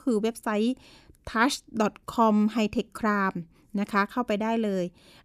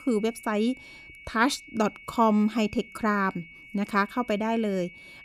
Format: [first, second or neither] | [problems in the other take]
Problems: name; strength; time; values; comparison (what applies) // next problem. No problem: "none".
first | high-pitched whine; noticeable; throughout; 2 kHz, 20 dB below the speech